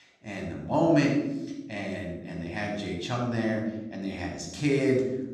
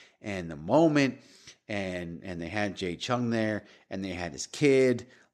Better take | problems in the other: second | off-mic speech; somewhat distant // room echo; noticeable; dies away in 0.9 s

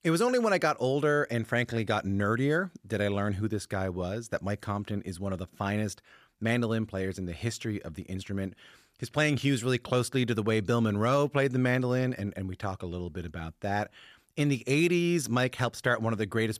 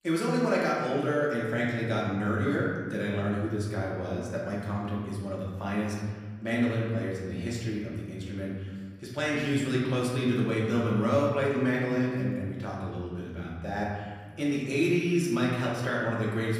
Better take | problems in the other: first | room echo; noticeable; dies away in 1.6 s // off-mic speech; far

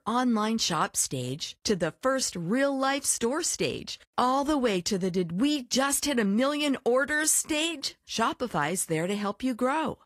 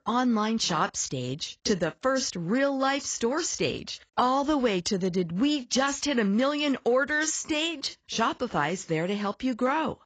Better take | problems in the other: first | garbled, watery; badly; nothing above 7.5 kHz; slightly in the first

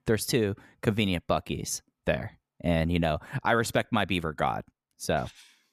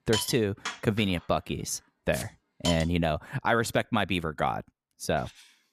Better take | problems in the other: first | hiss; loud; until 3 s; 8 dB below the speech

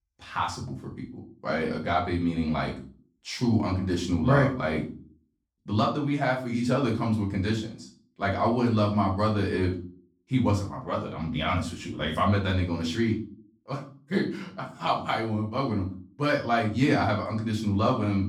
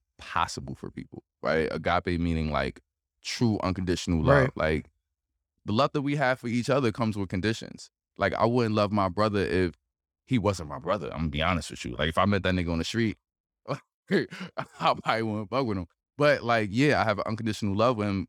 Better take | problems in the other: second | room echo; slight; dies away in 0.4 s // off-mic speech; far

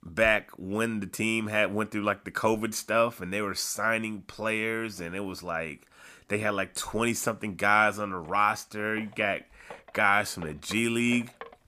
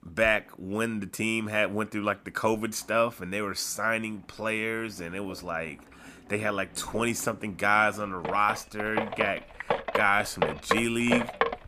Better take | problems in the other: first | rain or running water; loud; throughout; 4 dB below the speech; faint in the first

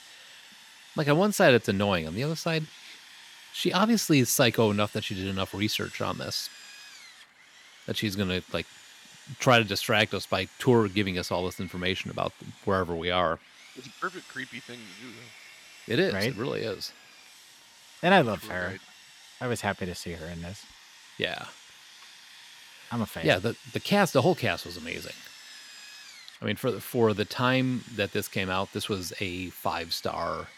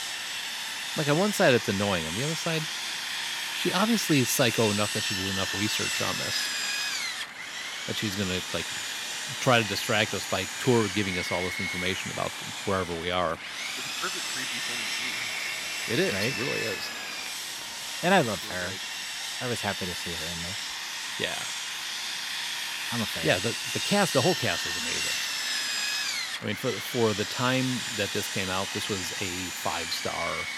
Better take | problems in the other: first | machinery noise; loud; throughout; 1 dB below the speech; faint in the first

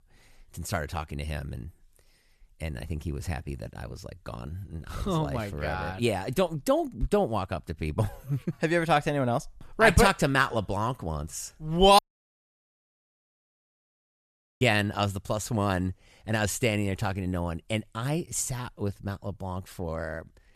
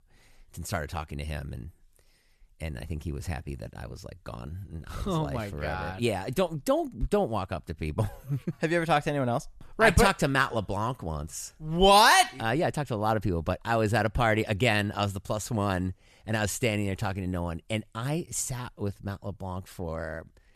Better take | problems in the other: second | audio cutting out; at 12 s for 2.5 s

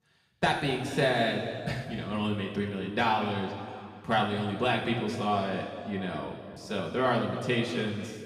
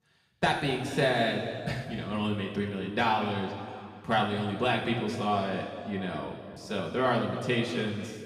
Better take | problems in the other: neither | room echo; noticeable; dies away in 2 s; the same in both // off-mic speech; far; the same in both

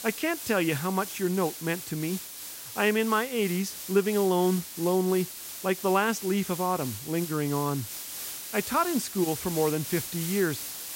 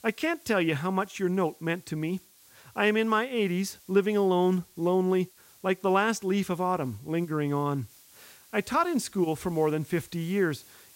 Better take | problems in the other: second | hiss; loud; throughout; 8 dB below the speech; faint in the second

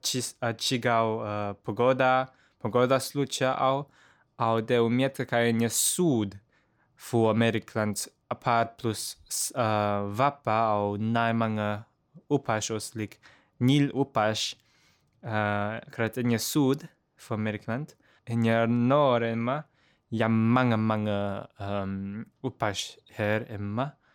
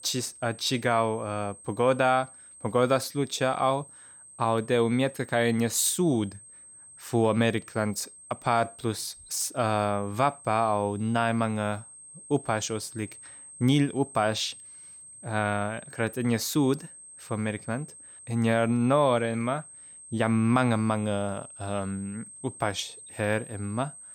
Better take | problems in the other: first | high-pitched whine; noticeable; throughout; 8.5 kHz, 20 dB below the speech

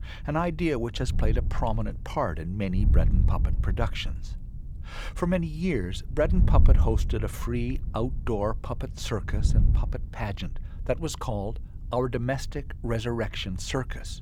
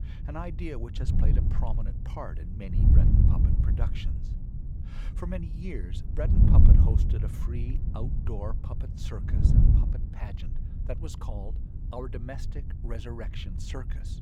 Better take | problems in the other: first | wind noise on the microphone; heavy; as loud as the speech; occasional gusts in the first

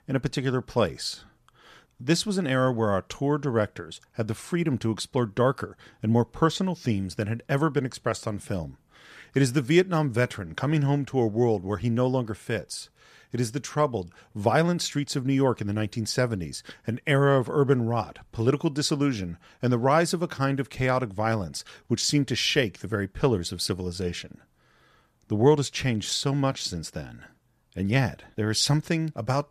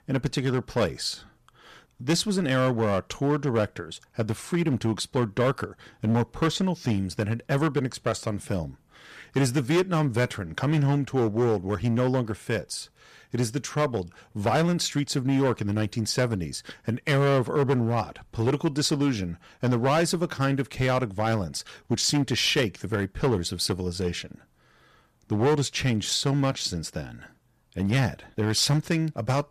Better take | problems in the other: first | distortion; slight; 7% of the sound clipped

